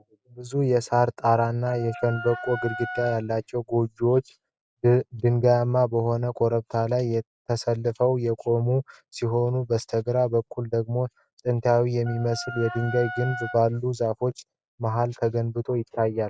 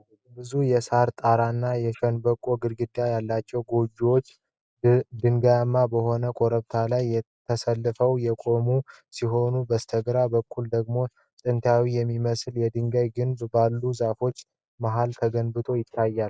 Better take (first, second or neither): second